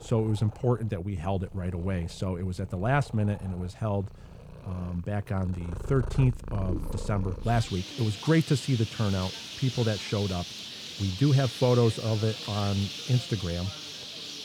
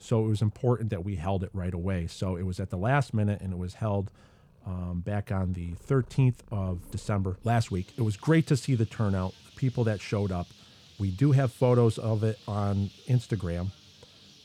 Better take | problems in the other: second | animal sounds; loud; throughout; 9 dB below the speech; faint in the second

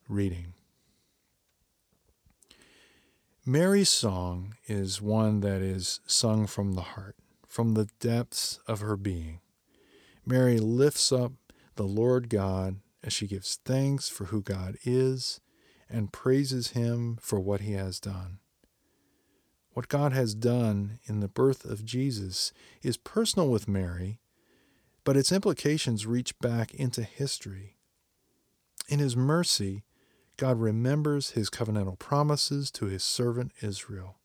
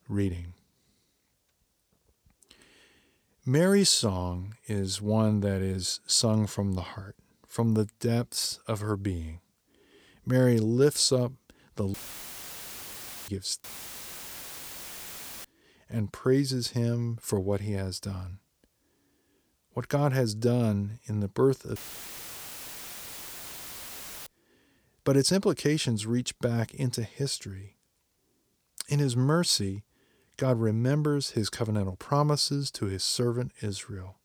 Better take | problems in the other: first | audio cutting out; filled with static; at 12 s for 1.5 s, at 14 s for 2 s and at 22 s for 2.5 s

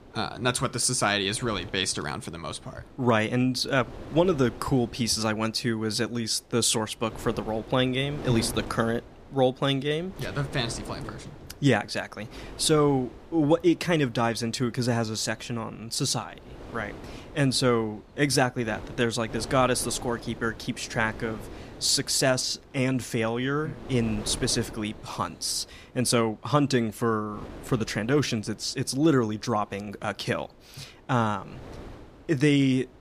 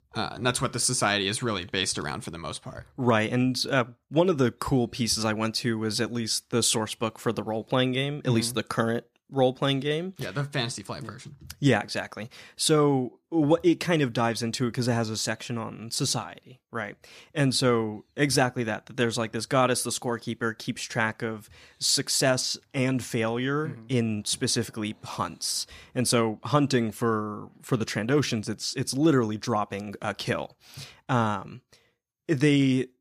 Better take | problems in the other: second | wind noise on the microphone; occasional gusts; 20 dB below the speech

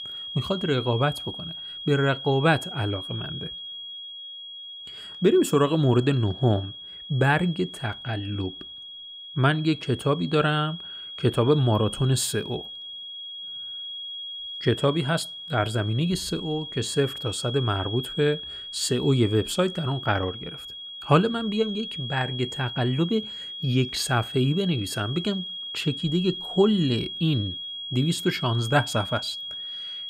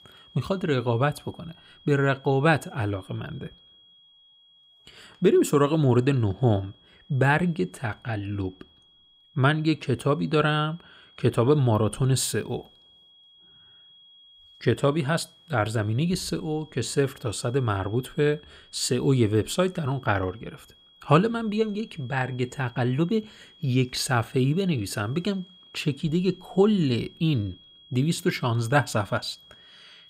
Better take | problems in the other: second | high-pitched whine; loud; throughout; 3.5 kHz, 9 dB below the speech; faint in the second

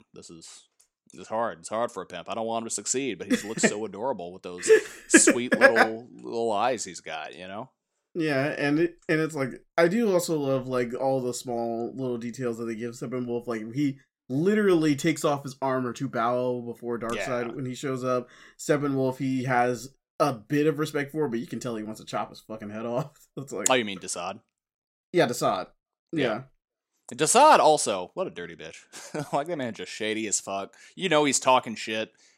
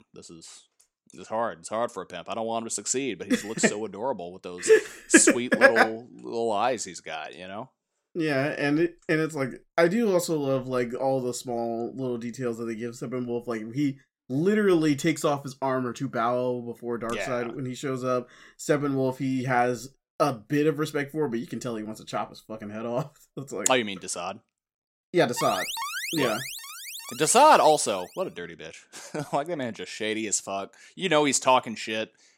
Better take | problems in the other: first | alarm; noticeable; from 25 to 28 s; peak 4 dB below the speech

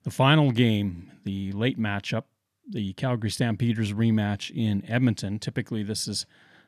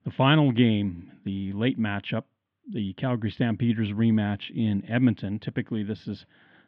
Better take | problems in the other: first | muffled; very; fading above 3.5 kHz

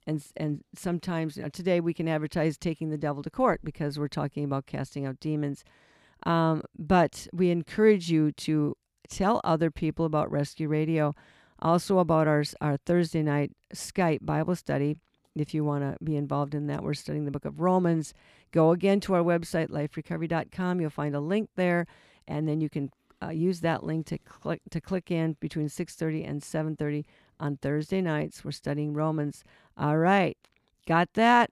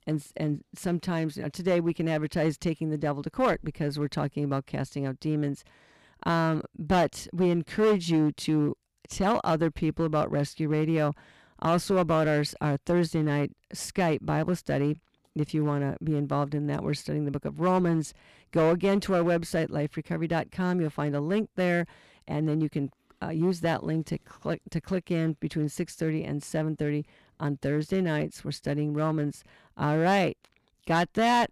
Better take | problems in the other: first | distortion; slight; 5% of the sound clipped

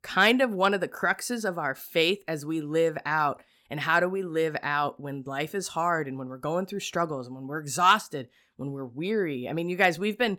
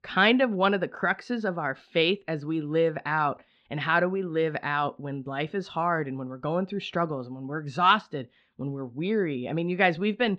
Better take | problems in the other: first | muffled; slightly; fading above 3.5 kHz

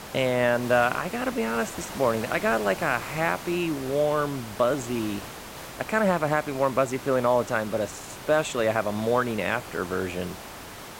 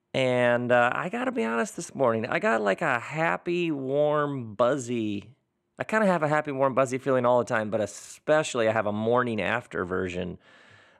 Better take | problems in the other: second | hiss; noticeable; throughout; 15 dB below the speech

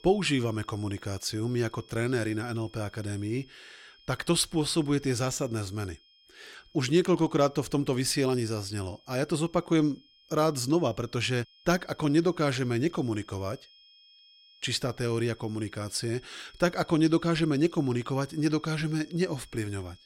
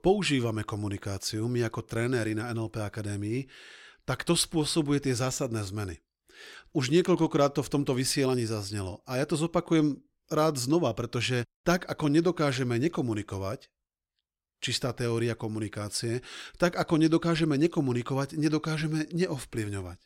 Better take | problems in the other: second | high-pitched whine; faint; throughout; 3 kHz, 25 dB below the speech

